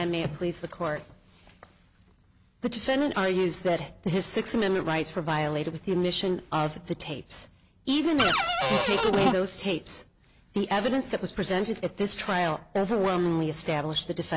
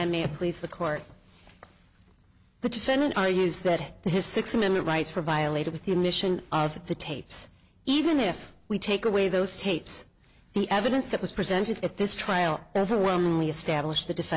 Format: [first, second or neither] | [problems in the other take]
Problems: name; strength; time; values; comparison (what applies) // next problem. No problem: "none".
second | background sound (Cupboard open or close); 3 dB above the speech